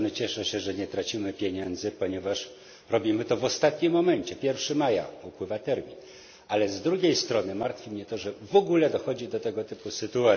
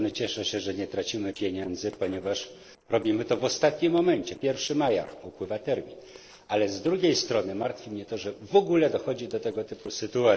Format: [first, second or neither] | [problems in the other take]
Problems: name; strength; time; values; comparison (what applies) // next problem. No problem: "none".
first | noise reduction (neural separator model SepFormer DNS4)